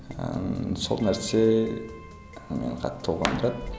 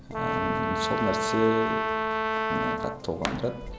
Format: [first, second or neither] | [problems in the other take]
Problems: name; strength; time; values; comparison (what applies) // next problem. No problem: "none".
first | background sound (Brass instrument); 2 dB above the speech